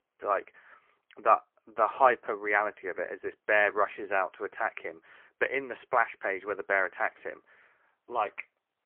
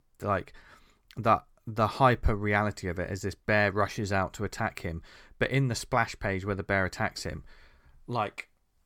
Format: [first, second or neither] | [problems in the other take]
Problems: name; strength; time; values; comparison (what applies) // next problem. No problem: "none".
second | phone-call audio; poor line